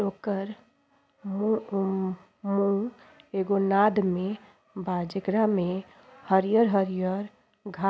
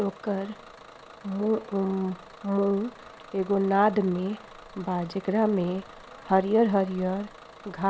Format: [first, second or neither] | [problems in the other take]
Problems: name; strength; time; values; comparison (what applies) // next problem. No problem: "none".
first | background sound (Bus / Engine); 20 dB below the speech